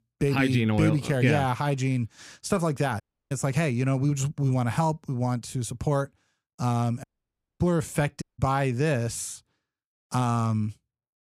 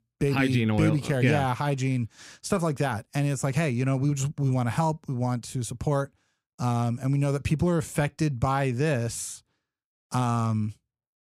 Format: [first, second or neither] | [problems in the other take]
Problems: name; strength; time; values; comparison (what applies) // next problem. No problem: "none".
second | audio cutting out; at 3 s, at 7 s for 0.5 s and at 8 s